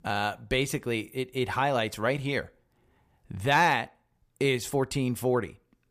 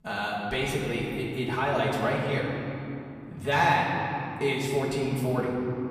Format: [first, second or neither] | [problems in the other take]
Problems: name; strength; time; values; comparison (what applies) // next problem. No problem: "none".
first | room echo; noticeable; dies away in 3 s // off-mic speech; far